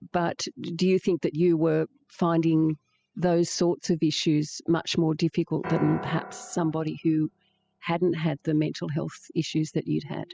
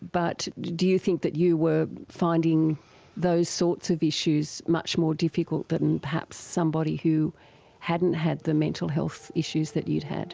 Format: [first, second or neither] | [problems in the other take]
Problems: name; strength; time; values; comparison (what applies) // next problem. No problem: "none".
second | noise reduction (classical method spectral subtraction)